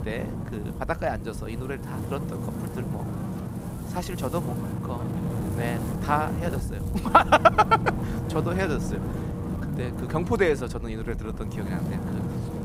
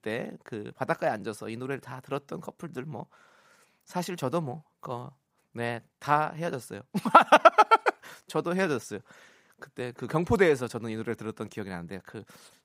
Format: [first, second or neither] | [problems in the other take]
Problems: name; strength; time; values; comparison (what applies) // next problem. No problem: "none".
second | wind noise on the microphone; occasional gusts; 15 dB below the speech